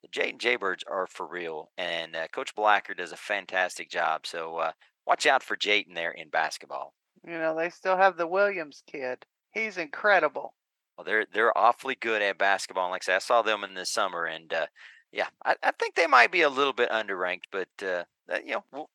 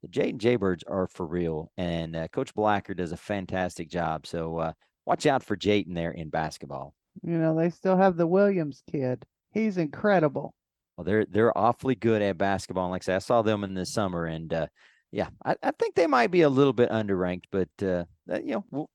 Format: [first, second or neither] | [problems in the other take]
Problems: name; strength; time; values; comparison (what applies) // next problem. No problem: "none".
second | thin; very; fading below 700 Hz